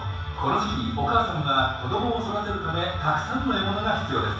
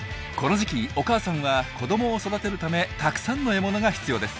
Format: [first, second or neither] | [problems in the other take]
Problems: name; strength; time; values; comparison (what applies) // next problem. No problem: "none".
second | room echo; dies away in 0.7 s